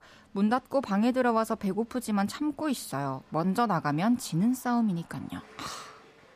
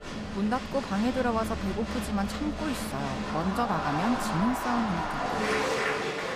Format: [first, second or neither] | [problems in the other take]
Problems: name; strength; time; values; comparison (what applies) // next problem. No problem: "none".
first | crowd noise; loud; throughout; 1 dB below the speech; faint in the first